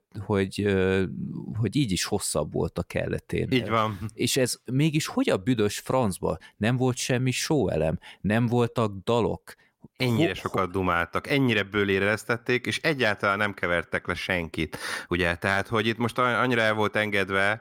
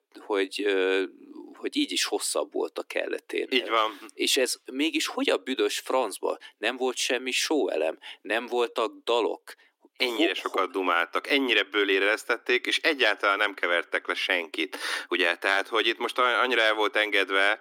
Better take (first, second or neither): first